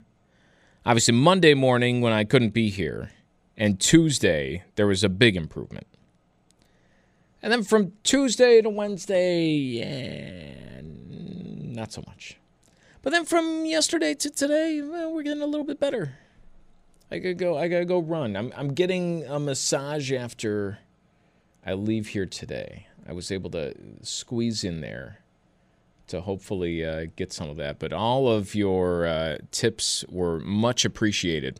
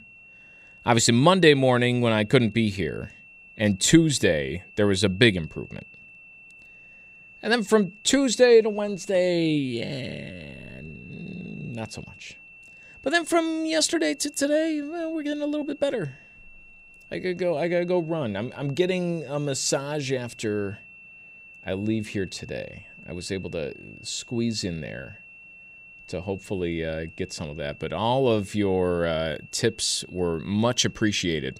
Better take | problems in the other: first | high-pitched whine; faint; throughout; 2.5 kHz, 20 dB below the speech

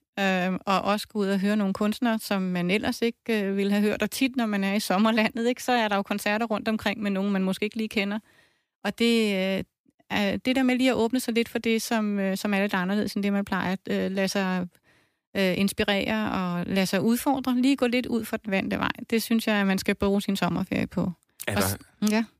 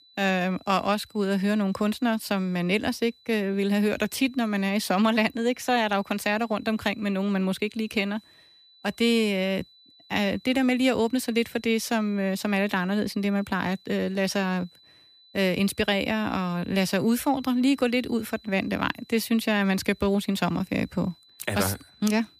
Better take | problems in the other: first | high-pitched whine; faint; throughout; 4 kHz, 30 dB below the speech

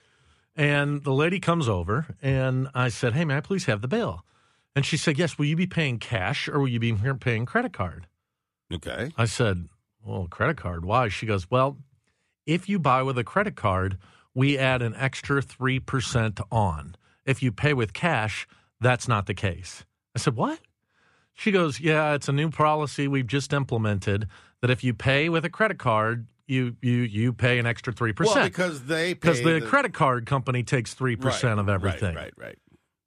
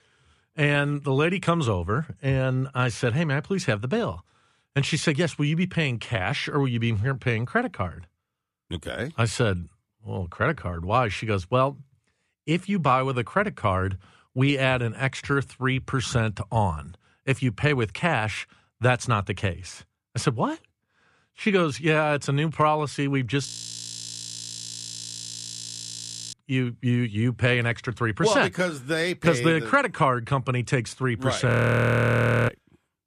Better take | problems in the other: first | audio freezing; at 23 s for 3 s and at 31 s for 1 s

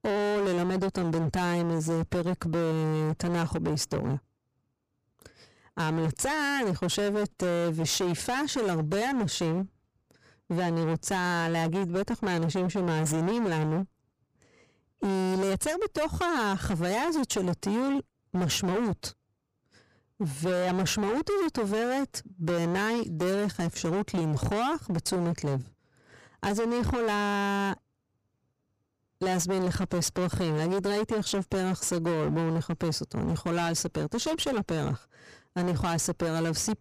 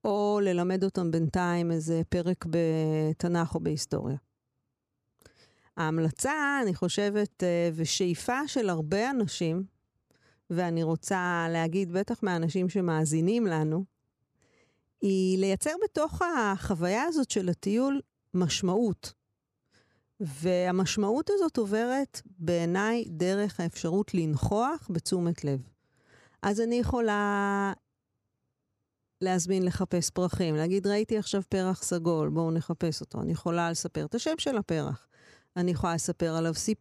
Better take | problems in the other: second | distortion; heavy; 28% of the sound clipped

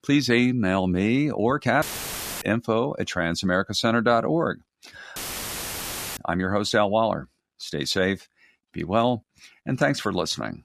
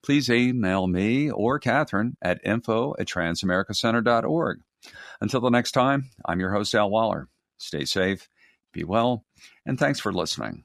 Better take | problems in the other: second | audio cutting out; filled with static; at 2 s for 0.5 s and at 5 s for 1 s

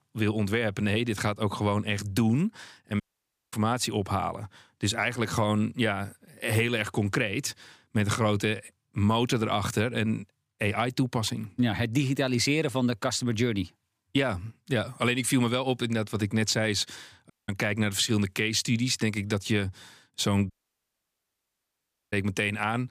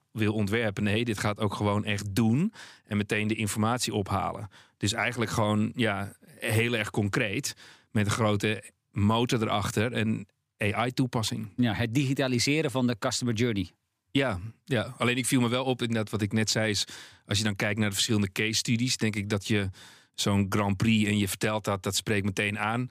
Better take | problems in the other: second | audio cutting out; at 3 s for 0.5 s, at 17 s and at 21 s for 1.5 s

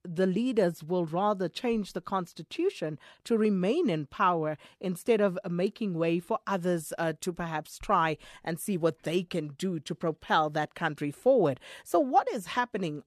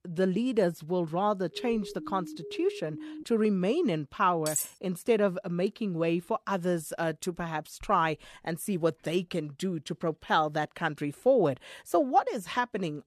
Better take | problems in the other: first | siren; faint; from 1.5 to 3 s; peak 10 dB below the speech // clattering dishes; noticeable; at 4.5 s; peak 2 dB below the speech

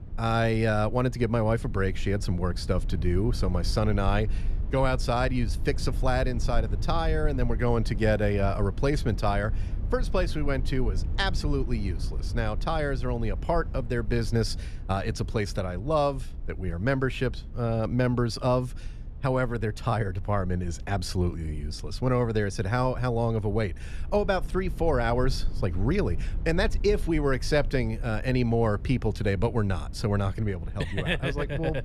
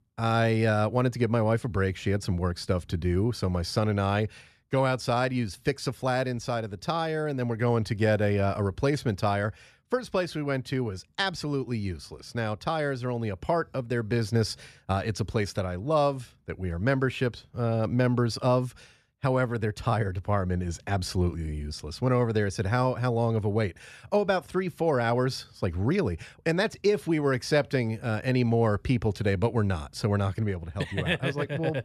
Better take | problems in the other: second | low rumble; faint; throughout; 20 dB below the speech

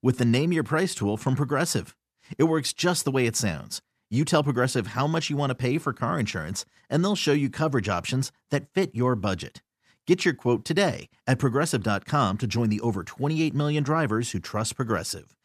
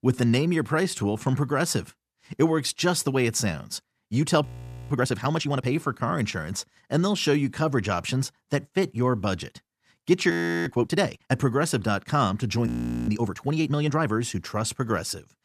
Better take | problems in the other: first | audio freezing; at 4.5 s, at 10 s and at 13 s

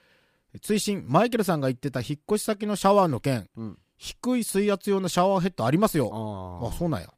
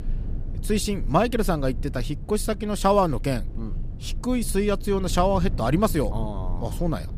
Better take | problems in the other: first | low rumble; faint; throughout; 20 dB below the speech

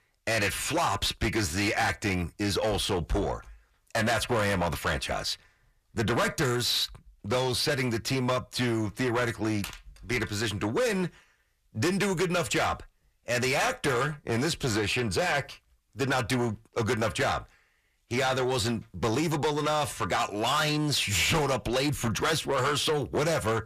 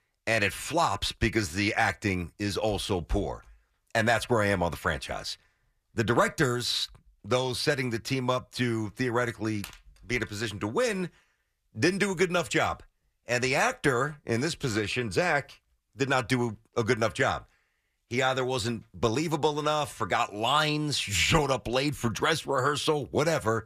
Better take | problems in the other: second | distortion; heavy; 7 dB below the speech

